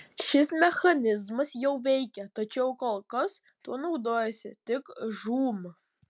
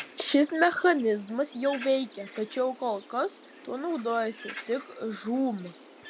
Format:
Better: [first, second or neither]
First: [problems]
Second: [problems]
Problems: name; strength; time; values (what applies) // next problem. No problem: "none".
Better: first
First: none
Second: background sound (Bird); 18 dB below the speech